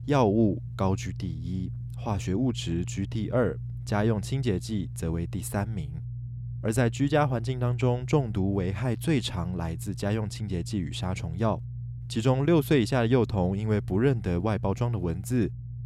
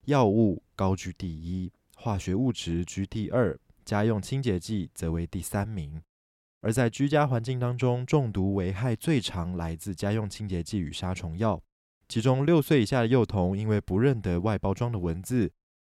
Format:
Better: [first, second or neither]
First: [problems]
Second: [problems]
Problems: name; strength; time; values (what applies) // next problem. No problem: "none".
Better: second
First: low rumble; noticeable; throughout; 20 dB below the speech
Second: none